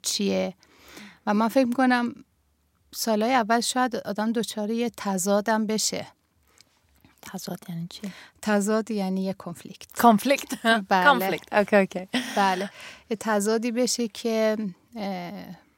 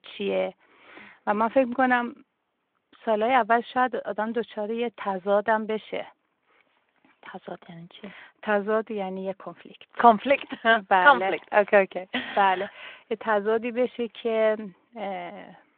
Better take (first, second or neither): first